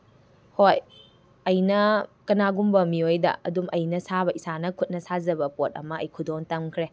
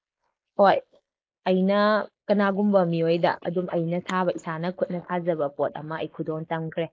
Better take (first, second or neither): first